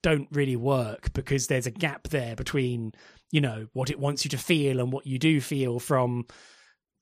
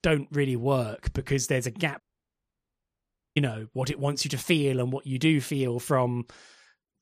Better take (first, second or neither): first